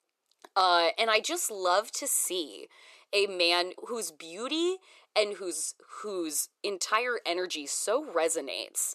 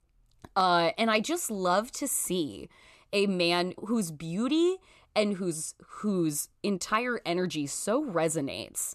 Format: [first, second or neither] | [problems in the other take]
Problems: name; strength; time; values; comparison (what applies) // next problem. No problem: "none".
second | thin; very; fading below 400 Hz